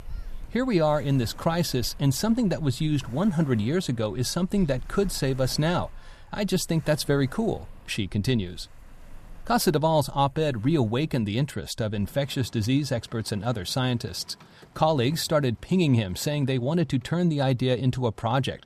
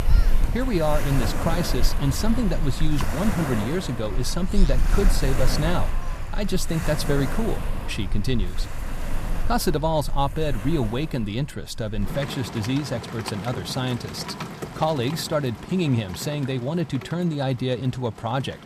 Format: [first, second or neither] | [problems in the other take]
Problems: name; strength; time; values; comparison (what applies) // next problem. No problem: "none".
first | rain or running water; loud; throughout; 4 dB below the speech; faint in the first